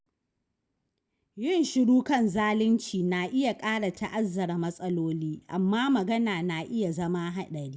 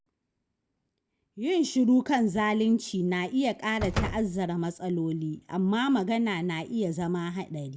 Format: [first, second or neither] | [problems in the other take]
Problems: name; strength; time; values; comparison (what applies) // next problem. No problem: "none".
first | background sound (Slam); 8 dB below the speech